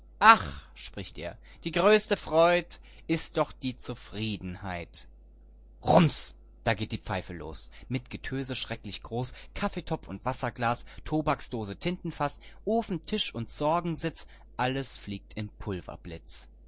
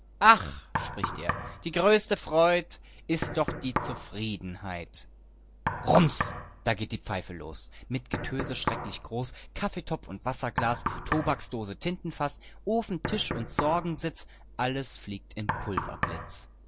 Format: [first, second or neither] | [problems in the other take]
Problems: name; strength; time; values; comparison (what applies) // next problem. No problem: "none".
first | background sound (Knock); 7 dB below the speech